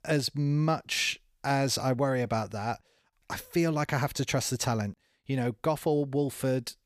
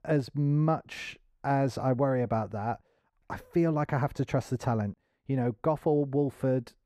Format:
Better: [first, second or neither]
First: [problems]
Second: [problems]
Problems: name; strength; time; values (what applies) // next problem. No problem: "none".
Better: first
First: none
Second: muffled; very; fading above 2 kHz